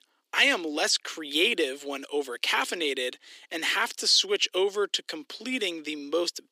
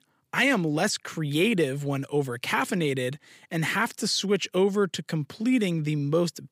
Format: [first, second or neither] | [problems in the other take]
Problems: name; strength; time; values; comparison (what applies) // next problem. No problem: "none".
second | thin; somewhat; fading below 300 Hz